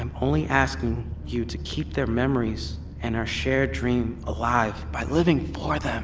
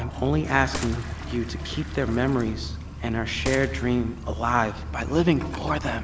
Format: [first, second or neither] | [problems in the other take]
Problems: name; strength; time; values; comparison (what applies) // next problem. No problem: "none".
first | background sound (Gunshot, gunfire + Toilet flush); 15 dB below the speech